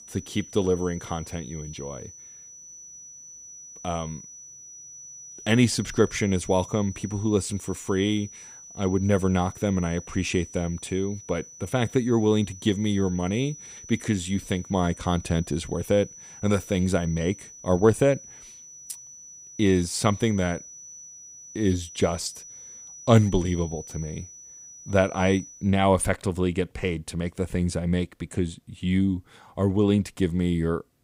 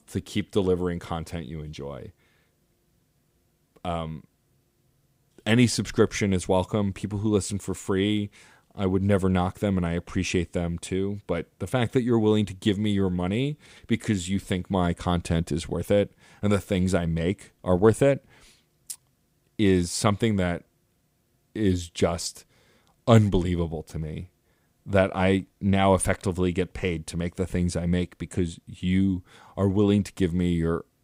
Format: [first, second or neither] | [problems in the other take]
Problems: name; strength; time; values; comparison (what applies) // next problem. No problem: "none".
second | high-pitched whine; noticeable; until 26 s; 6 kHz, 15 dB below the speech